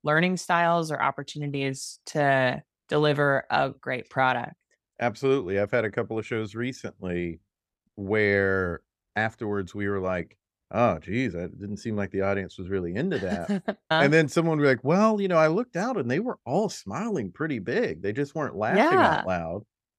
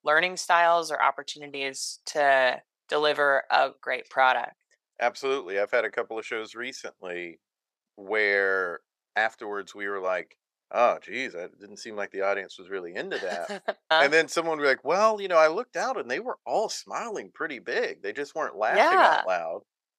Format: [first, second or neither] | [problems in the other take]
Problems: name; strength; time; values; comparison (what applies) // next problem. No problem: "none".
first | thin; very; fading below 650 Hz